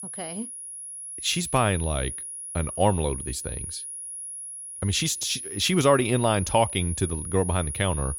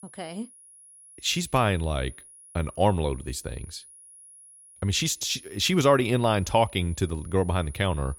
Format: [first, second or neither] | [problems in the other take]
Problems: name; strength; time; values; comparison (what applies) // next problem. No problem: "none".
second | high-pitched whine; loud; throughout; 10.5 kHz, 8 dB below the speech; faint in the second